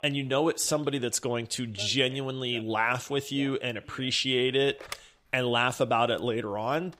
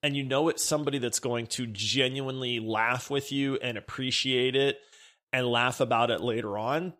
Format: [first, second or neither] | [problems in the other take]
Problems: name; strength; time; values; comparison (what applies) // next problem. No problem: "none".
second | alarms or sirens; faint; throughout; 20 dB below the speech